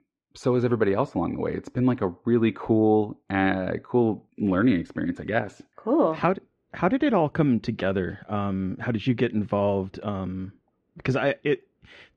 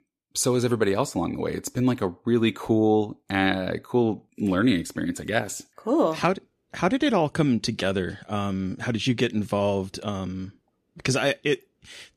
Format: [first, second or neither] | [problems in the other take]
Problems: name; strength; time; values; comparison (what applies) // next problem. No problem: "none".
second | muffled; very; fading above 2 kHz